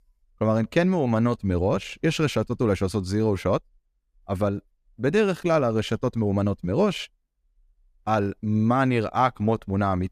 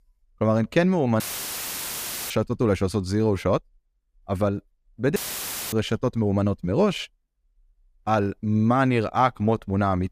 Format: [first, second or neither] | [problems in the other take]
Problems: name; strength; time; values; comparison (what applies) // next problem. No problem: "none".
first | audio cutting out; filled with static; at 1 s for 1 s and at 5 s for 0.5 s